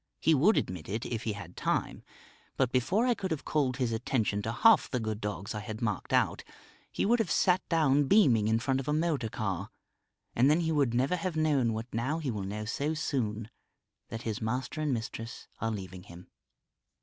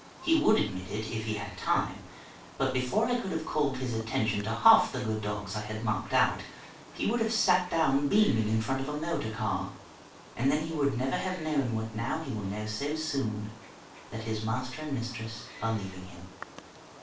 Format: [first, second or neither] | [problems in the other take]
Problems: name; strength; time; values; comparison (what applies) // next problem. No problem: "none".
first | background sound (Wild animals); 19 dB below the speech // room echo; dies away in 0.3 s